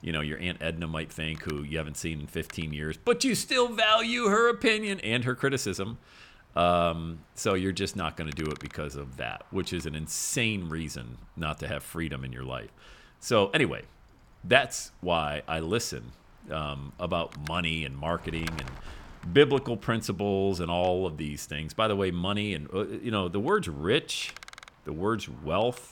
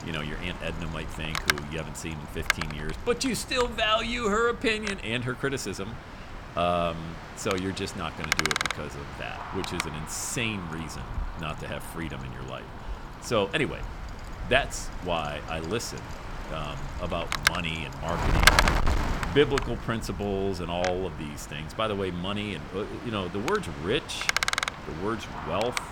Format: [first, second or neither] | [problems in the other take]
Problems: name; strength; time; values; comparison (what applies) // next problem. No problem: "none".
first | wind noise on the microphone; heavy; as loud as the speech; occasional gusts in the first